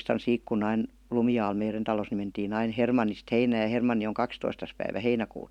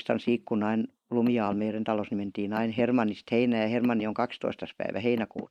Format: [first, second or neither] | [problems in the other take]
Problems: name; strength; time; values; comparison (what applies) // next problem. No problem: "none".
first | noise reduction (neural mask model Resemble Enhance denoiser)